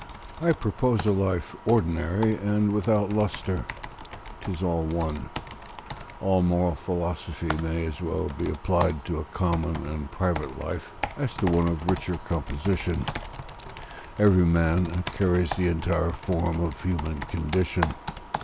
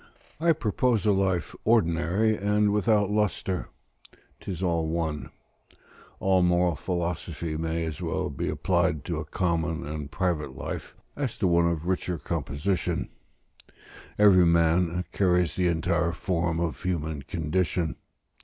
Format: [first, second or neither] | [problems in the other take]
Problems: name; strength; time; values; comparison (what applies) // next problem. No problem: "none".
second | background sound (Computer keyboard); 12 dB below the speech